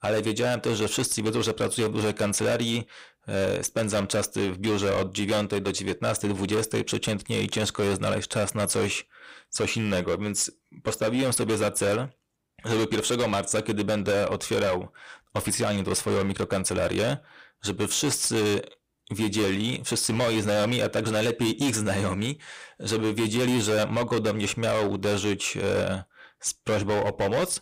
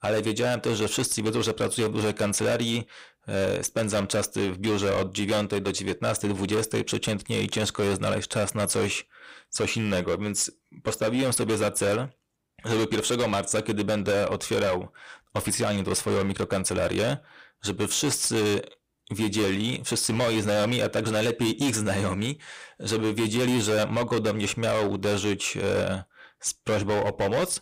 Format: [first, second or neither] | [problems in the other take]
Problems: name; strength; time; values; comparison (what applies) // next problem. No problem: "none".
neither | distortion; heavy; 17% of the sound clipped; the same in both